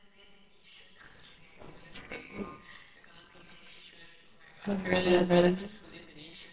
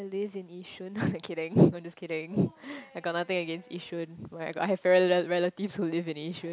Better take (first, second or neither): second